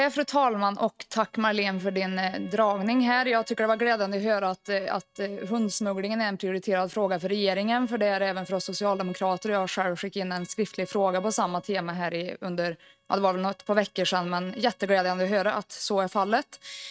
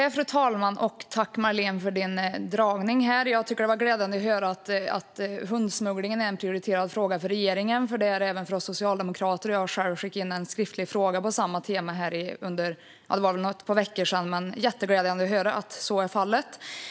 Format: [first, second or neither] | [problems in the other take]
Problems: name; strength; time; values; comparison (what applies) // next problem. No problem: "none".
second | noise reduction (neural mask model RNNoise)